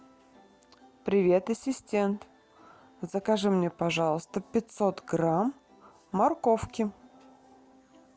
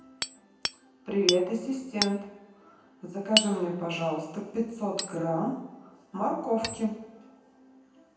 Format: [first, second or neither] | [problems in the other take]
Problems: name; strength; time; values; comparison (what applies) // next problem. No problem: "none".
first | background sound (Hammer); 5 dB below the speech // room echo; dies away in 0.8 s